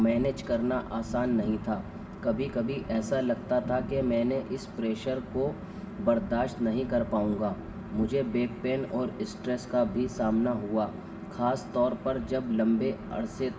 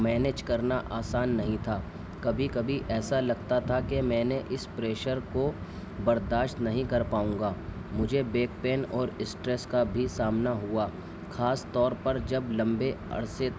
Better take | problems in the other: second | room echo; dies away in 1.5 s

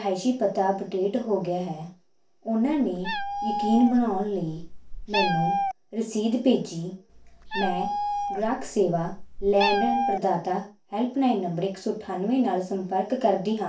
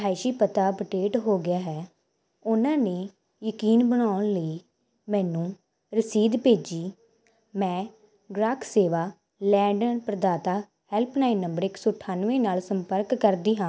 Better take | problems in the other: second | background sound (Meow); 3 dB below the speech // room echo; dies away in 0.2 s

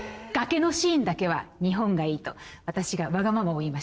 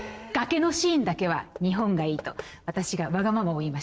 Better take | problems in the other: first | background sound (Knock / Wood); 19 dB below the speech

